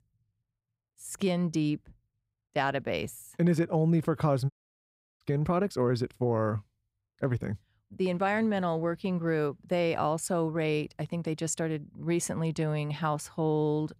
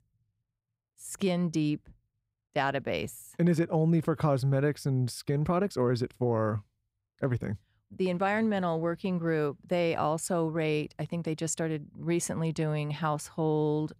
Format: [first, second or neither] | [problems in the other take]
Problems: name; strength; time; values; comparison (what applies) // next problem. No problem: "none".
second | audio cutting out; at 4.5 s for 0.5 s